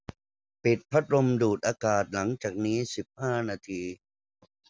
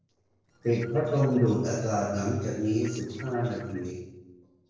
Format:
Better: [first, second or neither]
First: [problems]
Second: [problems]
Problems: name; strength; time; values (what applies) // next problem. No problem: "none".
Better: first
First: none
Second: noise reduction (neural separator model SepFormer DNS4)